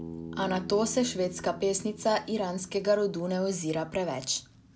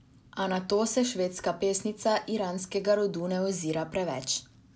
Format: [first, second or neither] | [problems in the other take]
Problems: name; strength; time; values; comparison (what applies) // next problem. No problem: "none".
second | background sound (Bass guitar); 15 dB below the speech